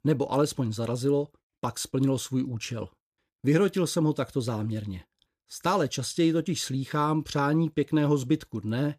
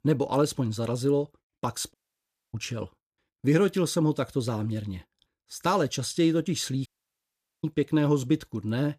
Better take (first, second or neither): first